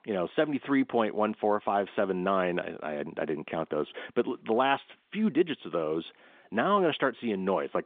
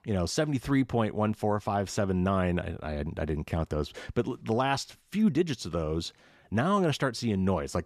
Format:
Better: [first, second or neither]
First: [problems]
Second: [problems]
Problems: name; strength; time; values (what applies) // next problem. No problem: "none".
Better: second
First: phone-call audio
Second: none